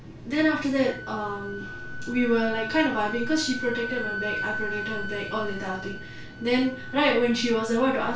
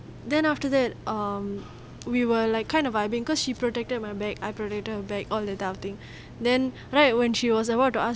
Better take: second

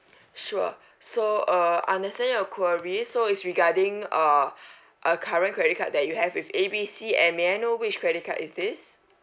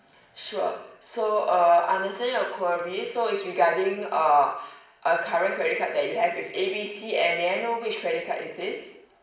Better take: first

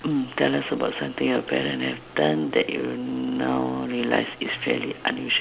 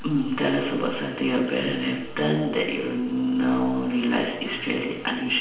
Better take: first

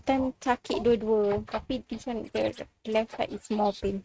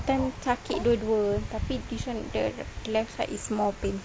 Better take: second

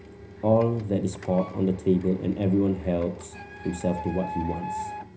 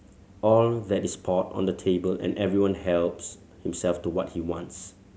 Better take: second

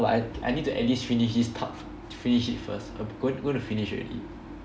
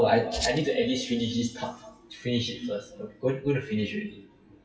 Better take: first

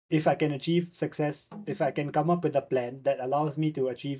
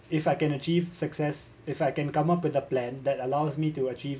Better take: second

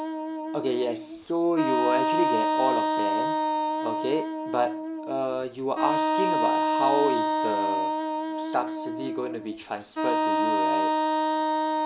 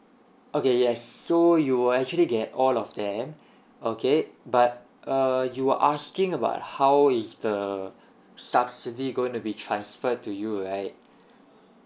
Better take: second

